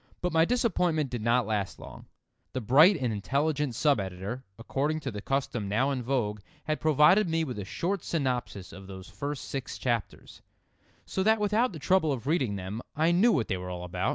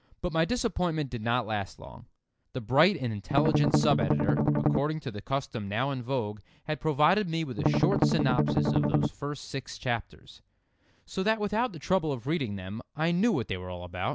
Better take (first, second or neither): first